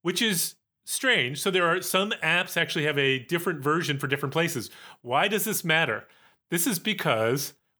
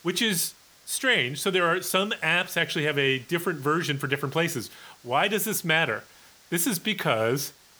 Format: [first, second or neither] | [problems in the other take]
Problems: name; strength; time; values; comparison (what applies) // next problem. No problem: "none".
first | hiss; faint; throughout; 25 dB below the speech